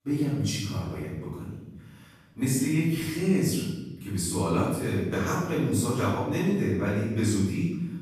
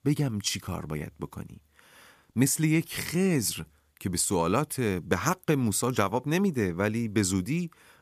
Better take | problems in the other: second | off-mic speech; far // room echo; strong; dies away in 1.2 s

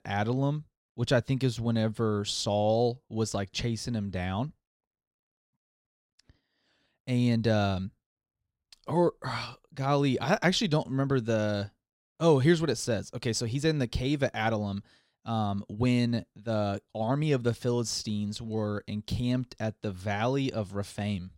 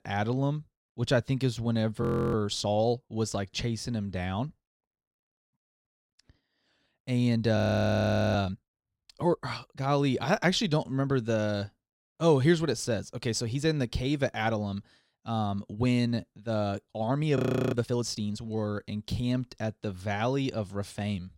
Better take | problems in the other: first | audio freezing; at 2 s, at 7.5 s for 1 s and at 17 s

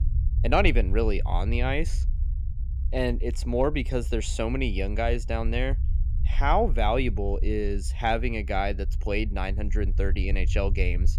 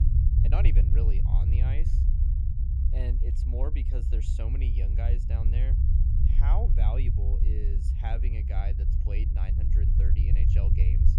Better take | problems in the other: first | low rumble; loud; throughout; 1 dB below the speech; faint in the first

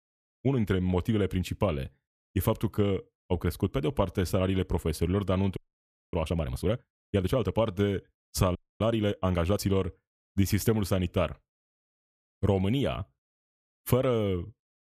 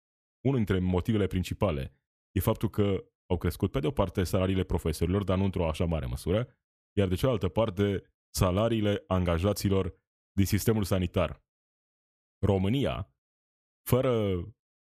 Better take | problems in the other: second | audio freezing; at 5.5 s for 0.5 s and at 8.5 s

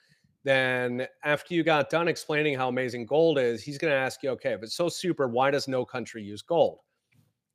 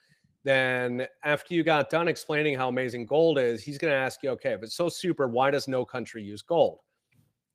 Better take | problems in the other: first | garbled, watery; slightly; nothing above 15 kHz

